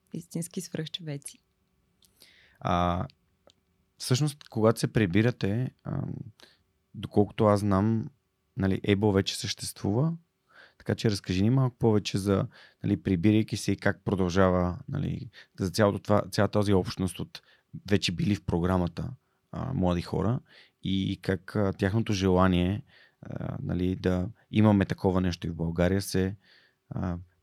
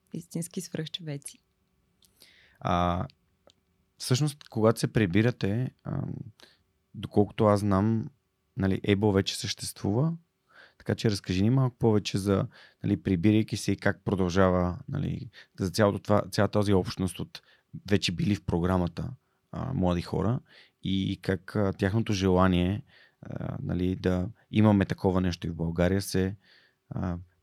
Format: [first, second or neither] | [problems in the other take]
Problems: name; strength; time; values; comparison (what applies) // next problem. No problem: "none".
neither | none